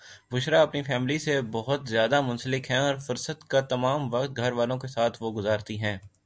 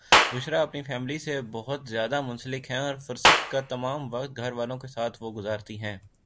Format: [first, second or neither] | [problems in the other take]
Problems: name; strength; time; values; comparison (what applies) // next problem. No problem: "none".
first | background sound (Clapping); 2 dB above the speech